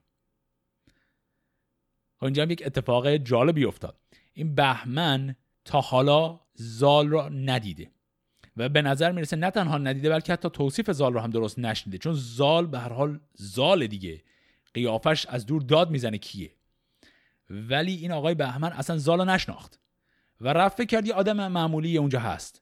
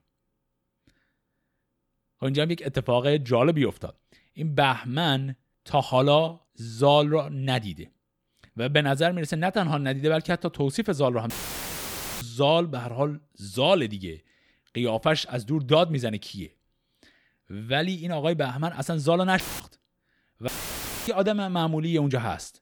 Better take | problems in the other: first | audio cutting out; filled with static; at 11 s for 1 s, at 19 s and at 20 s for 0.5 s

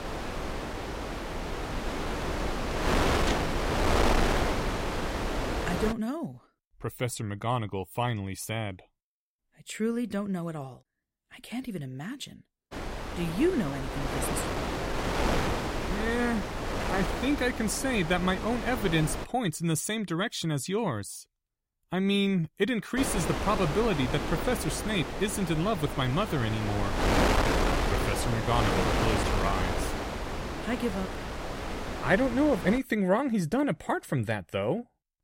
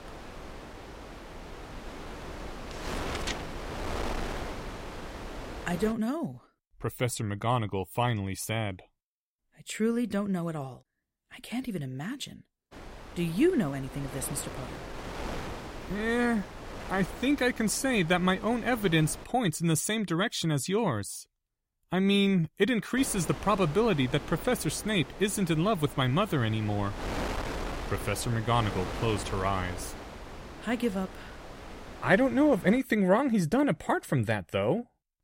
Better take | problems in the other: second | wind noise on the microphone; heavy; until 6 s, from 13 to 19 s and from 23 to 33 s; as loud as the speech; occasional gusts in the second

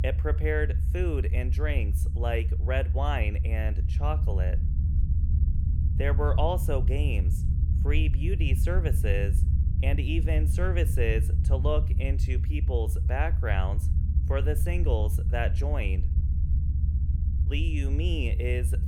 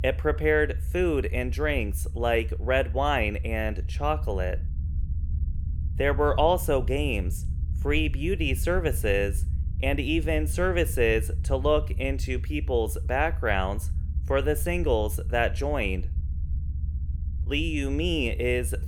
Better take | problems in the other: second | low rumble; loud; throughout; 10 dB below the speech; faint in the second

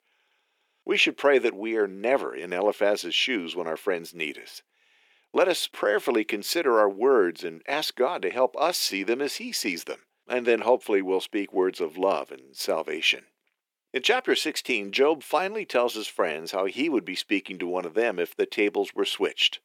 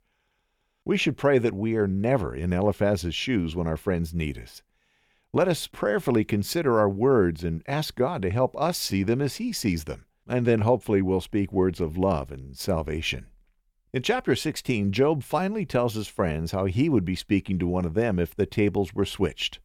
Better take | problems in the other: second | thin; somewhat; fading below 300 Hz

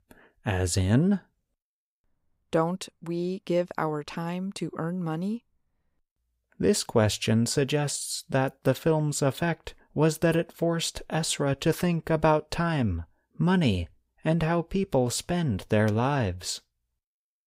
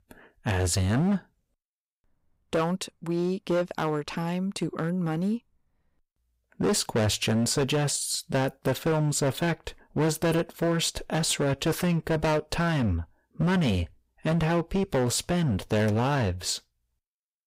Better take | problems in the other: first | distortion; heavy; 12% of the sound clipped

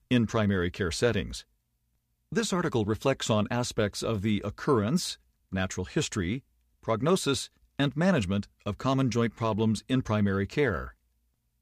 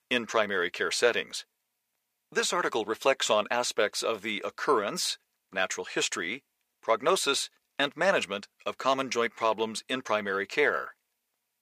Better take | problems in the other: first | thin; very; fading below 600 Hz

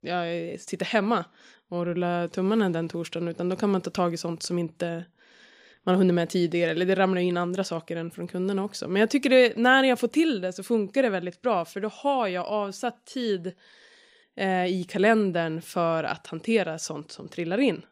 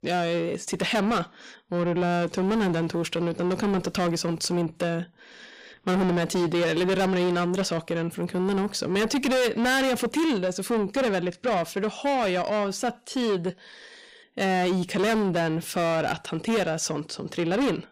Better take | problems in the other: first | distortion; heavy; 6 dB below the speech

